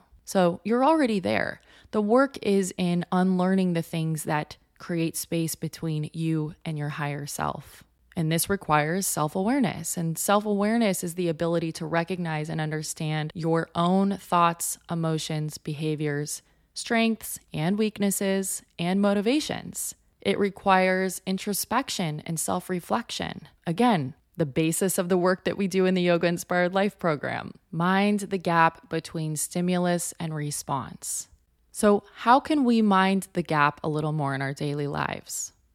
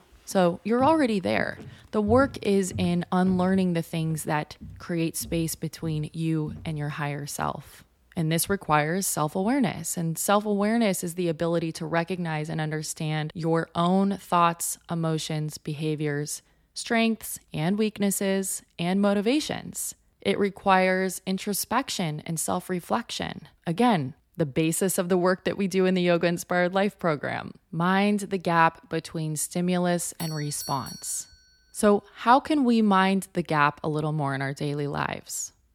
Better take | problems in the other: first | footsteps; noticeable; from 1 to 7.5 s; peak 9 dB below the speech // doorbell; faint; from 30 to 31 s; peak 10 dB below the speech

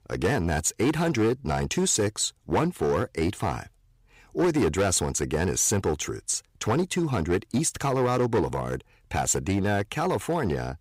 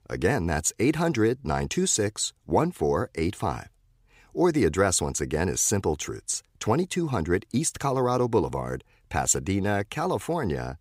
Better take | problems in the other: second | distortion; slight; 9% of the sound clipped

